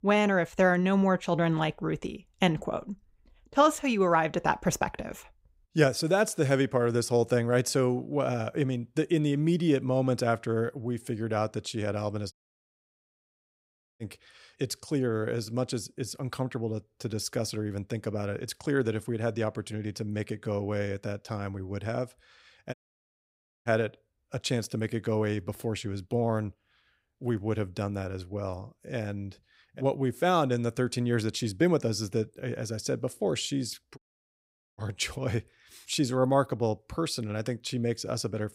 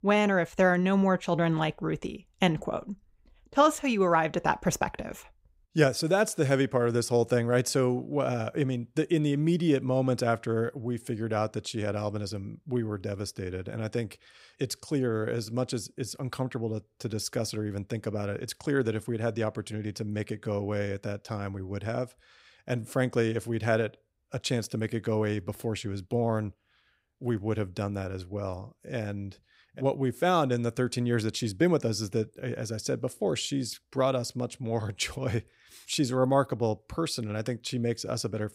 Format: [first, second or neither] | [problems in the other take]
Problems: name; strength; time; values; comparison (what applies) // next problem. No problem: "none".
second | audio cutting out; at 12 s for 1.5 s, at 23 s for 1 s and at 34 s for 1 s